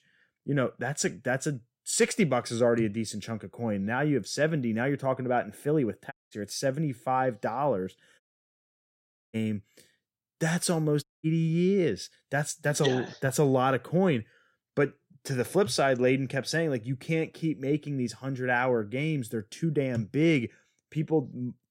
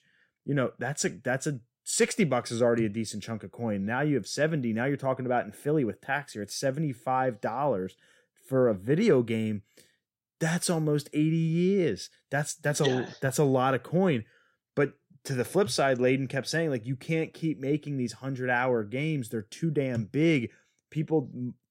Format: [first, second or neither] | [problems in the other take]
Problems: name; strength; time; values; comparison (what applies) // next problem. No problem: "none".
second | audio cutting out; at 6 s, at 8 s for 1 s and at 11 s